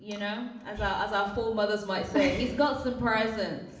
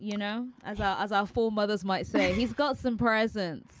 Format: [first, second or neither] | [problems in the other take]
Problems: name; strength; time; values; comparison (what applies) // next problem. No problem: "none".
second | room echo; dies away in 0.8 s